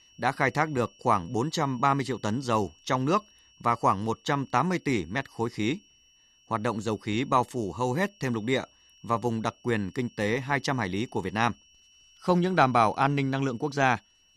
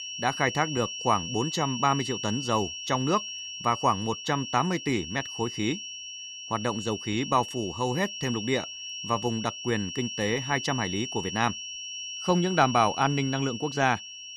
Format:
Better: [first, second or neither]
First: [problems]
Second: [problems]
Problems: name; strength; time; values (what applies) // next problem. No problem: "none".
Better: first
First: high-pitched whine; faint; throughout; 3 kHz, 30 dB below the speech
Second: high-pitched whine; loud; throughout; 3 kHz, 7 dB below the speech